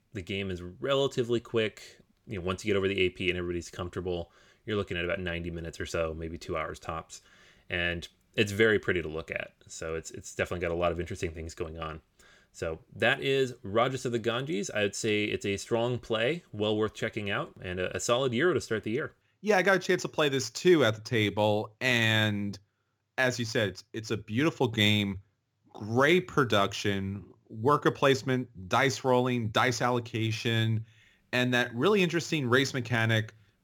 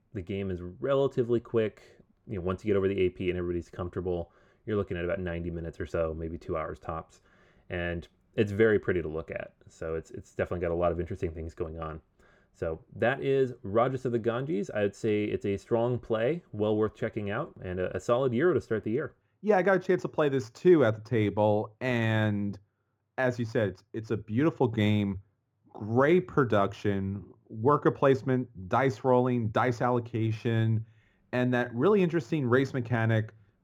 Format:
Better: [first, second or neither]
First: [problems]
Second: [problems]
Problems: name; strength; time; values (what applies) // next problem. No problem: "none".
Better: first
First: none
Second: muffled; slightly; fading above 2 kHz